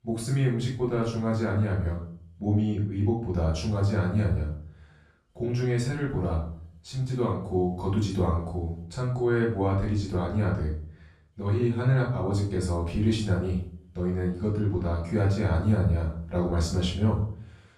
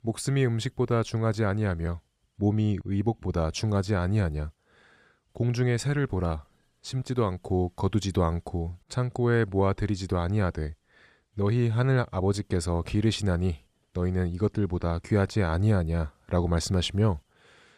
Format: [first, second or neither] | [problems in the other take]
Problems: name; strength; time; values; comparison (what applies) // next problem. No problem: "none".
second | room echo; noticeable; dies away in 0.5 s // off-mic speech; far